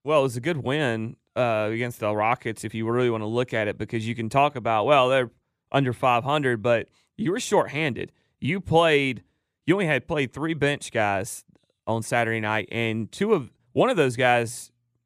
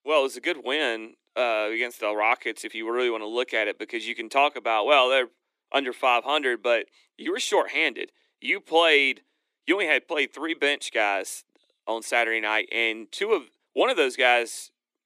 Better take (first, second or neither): first